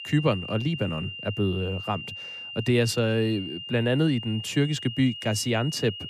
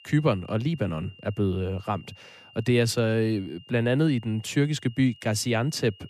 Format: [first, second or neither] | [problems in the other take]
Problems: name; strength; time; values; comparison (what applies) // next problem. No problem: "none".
second | high-pitched whine; loud; throughout; 3 kHz, 9 dB below the speech; faint in the second